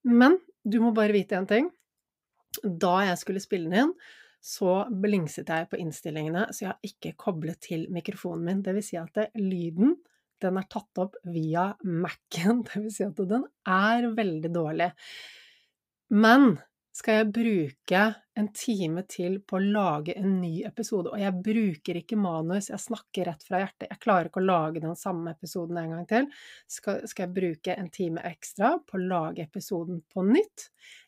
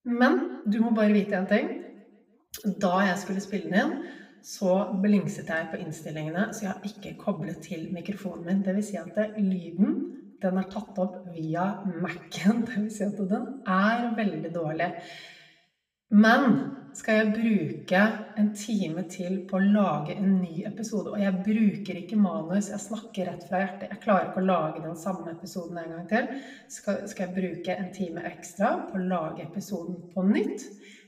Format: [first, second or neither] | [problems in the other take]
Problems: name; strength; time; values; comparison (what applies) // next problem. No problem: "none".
first | room echo; slight; dies away in 0.7 s // off-mic speech; somewhat distant